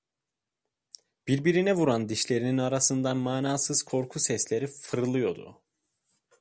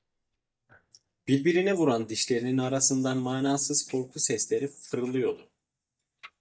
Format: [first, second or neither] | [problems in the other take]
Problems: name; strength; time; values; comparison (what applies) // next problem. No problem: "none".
first | noise reduction (neural mask model DeepFilterNet 3)